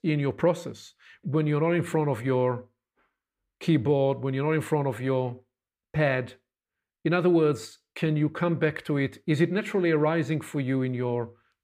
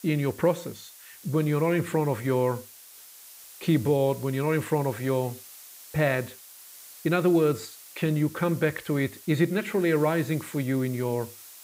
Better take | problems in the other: first | hiss; noticeable; throughout; 20 dB below the speech

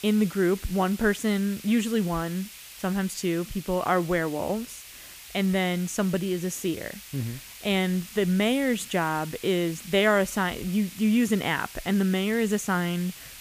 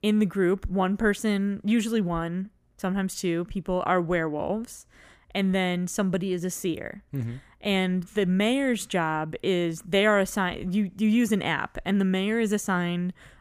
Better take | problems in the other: second | hiss; noticeable; throughout; 15 dB below the speech

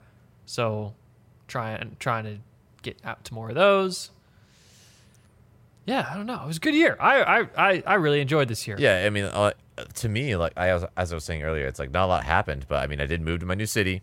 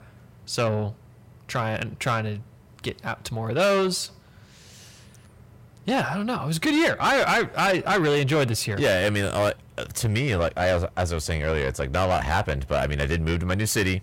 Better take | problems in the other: first | distortion; heavy; 7 dB below the speech

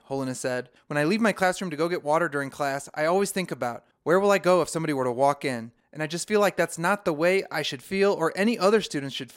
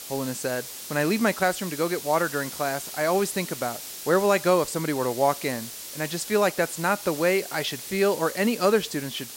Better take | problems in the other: first | hiss; noticeable; throughout; 10 dB below the speech

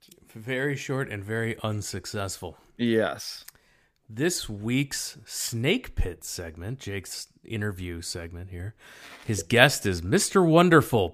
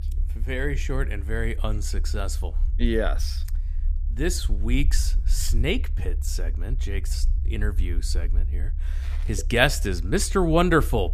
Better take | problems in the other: first | low rumble; faint; throughout; 25 dB below the speech

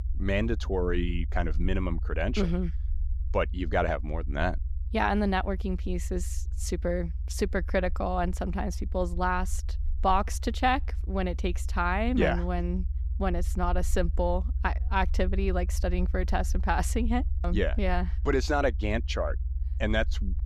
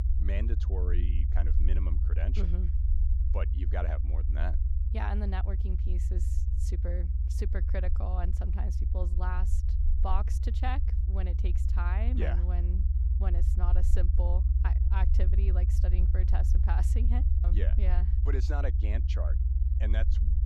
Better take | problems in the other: first | low rumble; loud; throughout; 6 dB below the speech; faint in the first

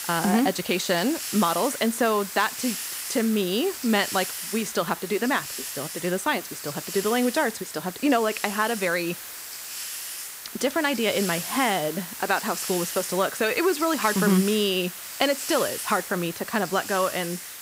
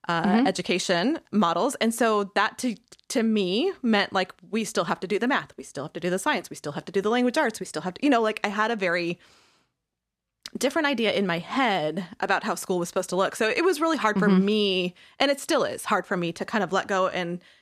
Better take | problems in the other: second | hiss; loud; throughout; 7 dB below the speech

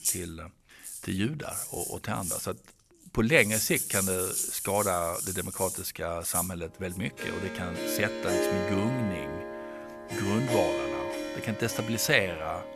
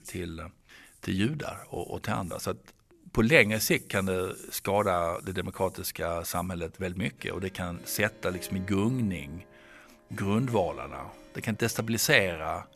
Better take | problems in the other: second | background music; loud; throughout; 2 dB below the speech; faint in the second

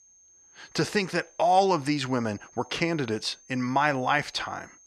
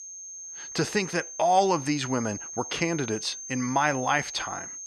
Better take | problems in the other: first | high-pitched whine; loud; throughout; 6.5 kHz, 10 dB below the speech; faint in the first

